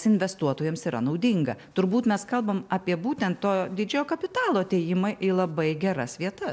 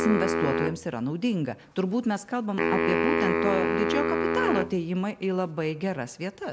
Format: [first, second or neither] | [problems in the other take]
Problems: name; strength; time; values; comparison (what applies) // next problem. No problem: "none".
first | background sound (Wind instrument, woodwind instrument); as loud as the speech